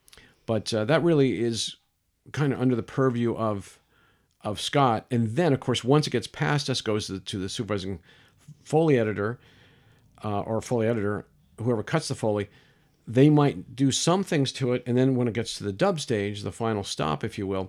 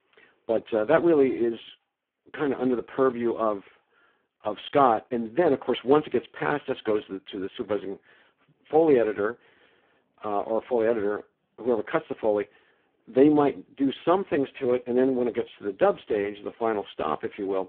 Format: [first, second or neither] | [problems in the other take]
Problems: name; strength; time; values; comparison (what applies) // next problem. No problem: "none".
first | phone-call audio; poor line